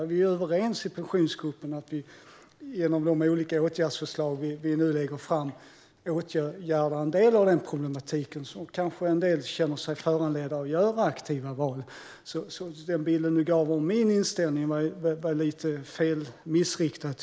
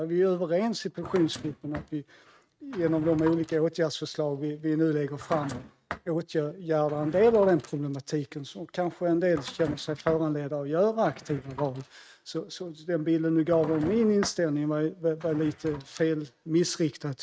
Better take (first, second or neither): first